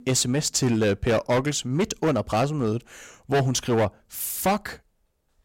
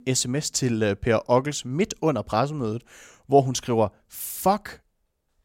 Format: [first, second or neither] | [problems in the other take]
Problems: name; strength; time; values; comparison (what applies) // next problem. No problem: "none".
second | distortion; heavy; 10% of the sound clipped